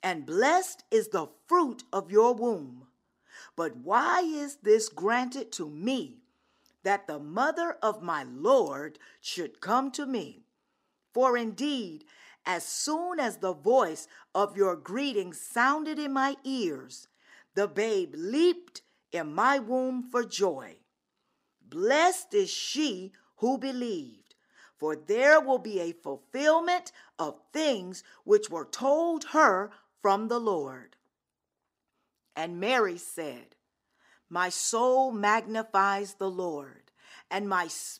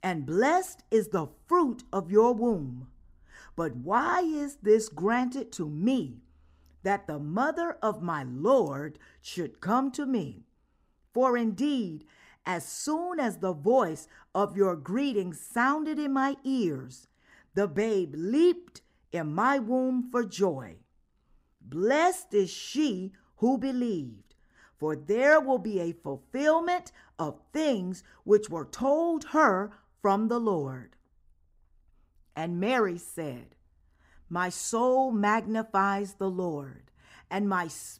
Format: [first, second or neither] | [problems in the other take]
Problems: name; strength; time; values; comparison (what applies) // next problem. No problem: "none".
second | thin; very slightly; fading below 300 Hz